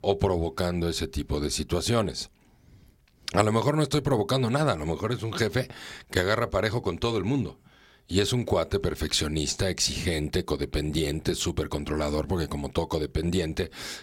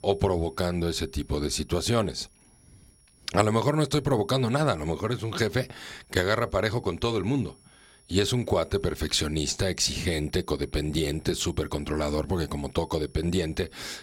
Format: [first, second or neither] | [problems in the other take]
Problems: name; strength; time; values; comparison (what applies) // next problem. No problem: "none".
first | high-pitched whine; faint; throughout; 10 kHz, 30 dB below the speech